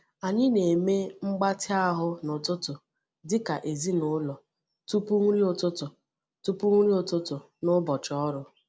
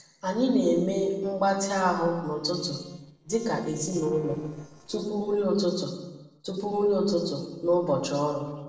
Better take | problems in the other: first | noise reduction (neural separator model SepFormer DNS4)

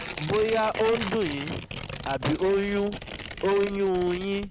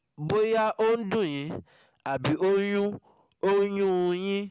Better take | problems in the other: second | background sound (Tearing); 10 dB below the speech

